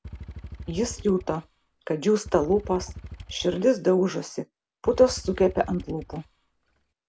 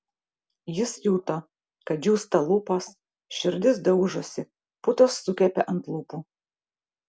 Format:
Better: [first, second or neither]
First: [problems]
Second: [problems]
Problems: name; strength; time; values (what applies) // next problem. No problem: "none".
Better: second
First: background sound (Motorcycle / Engine); 15 dB below the speech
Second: none